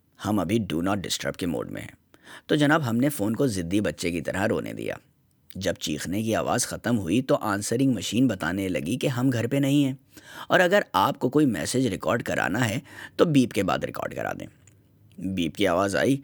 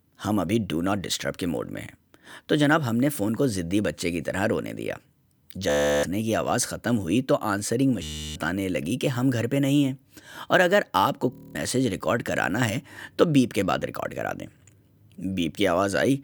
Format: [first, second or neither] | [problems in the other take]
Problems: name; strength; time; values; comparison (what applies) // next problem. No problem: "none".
first | audio freezing; at 5.5 s, at 8 s and at 11 s